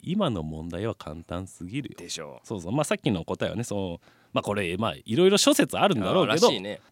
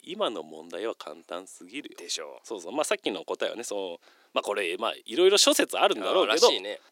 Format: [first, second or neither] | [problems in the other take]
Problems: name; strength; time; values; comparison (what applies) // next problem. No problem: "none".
first | thin; somewhat; fading below 350 Hz